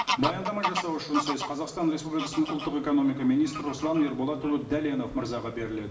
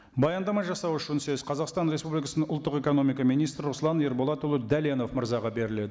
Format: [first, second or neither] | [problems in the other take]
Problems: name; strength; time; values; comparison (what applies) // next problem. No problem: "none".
second | background sound (Bird vocalization, bird call, bird song / Fowl); 7 dB below the speech // room echo; dies away in 0.7 s